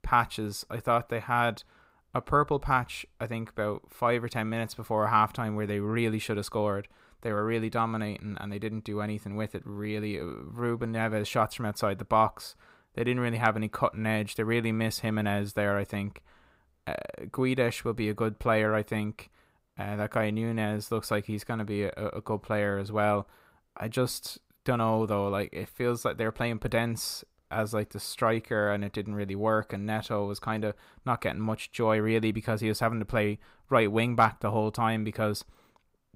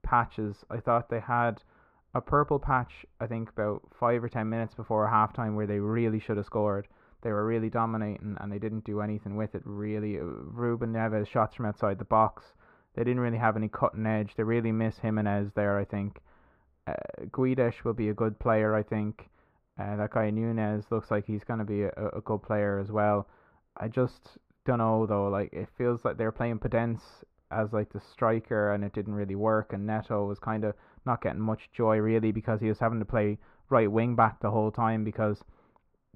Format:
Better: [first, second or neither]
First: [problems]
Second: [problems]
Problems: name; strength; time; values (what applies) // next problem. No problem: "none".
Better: first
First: none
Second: muffled; very; fading above 4 kHz